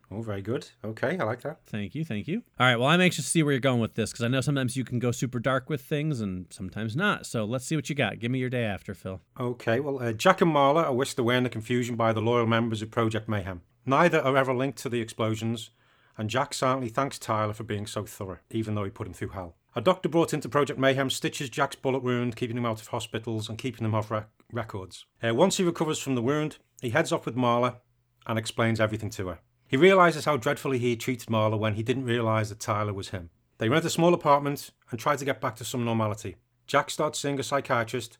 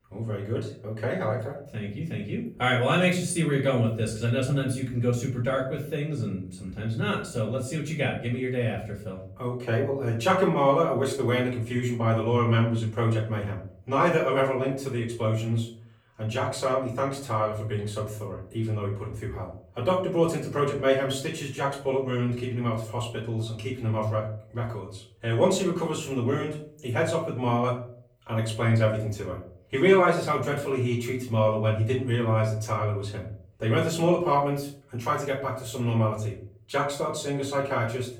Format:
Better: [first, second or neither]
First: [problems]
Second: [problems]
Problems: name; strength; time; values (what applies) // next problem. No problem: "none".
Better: first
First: none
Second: off-mic speech; far // room echo; slight; dies away in 0.4 s